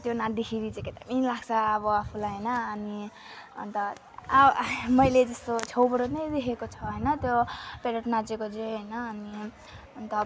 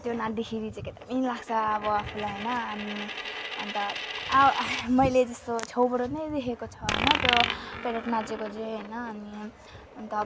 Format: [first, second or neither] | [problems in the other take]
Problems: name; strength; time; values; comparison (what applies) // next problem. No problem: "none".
first | background sound (Coin (dropping)); 6 dB below the speech